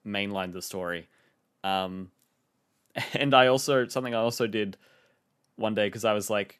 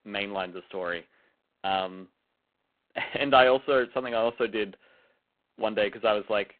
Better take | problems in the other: first | phone-call audio; poor line

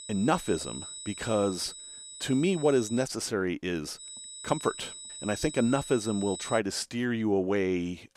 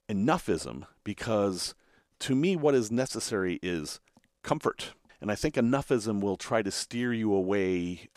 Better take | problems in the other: second | high-pitched whine; noticeable; until 3 s and from 4 to 6.5 s; 8 kHz, 10 dB below the speech

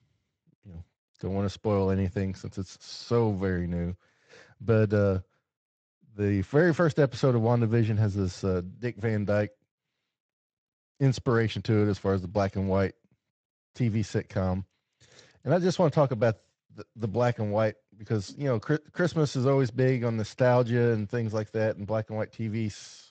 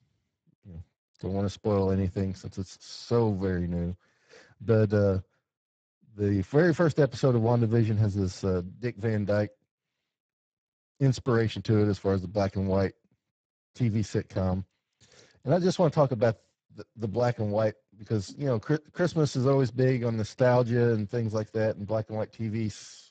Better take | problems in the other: first | garbled, watery; badly; nothing above 7.5 kHz; slightly in the first

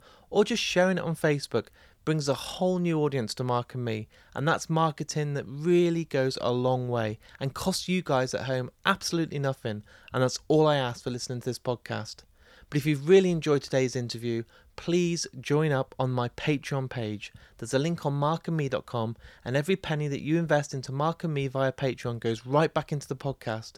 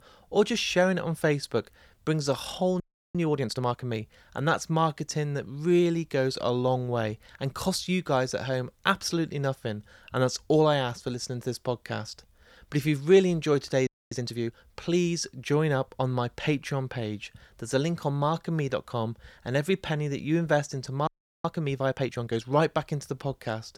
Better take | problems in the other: first | audio freezing; at 3 s, at 14 s and at 21 s

